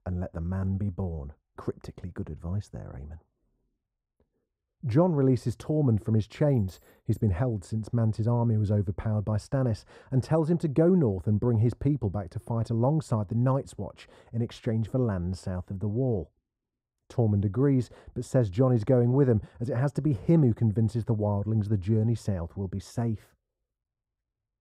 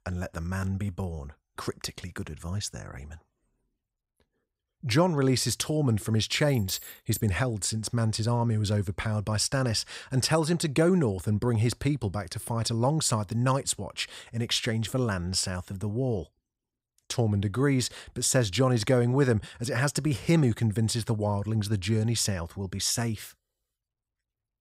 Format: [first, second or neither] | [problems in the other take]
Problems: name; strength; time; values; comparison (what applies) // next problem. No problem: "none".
second | muffled; very; fading above 1.5 kHz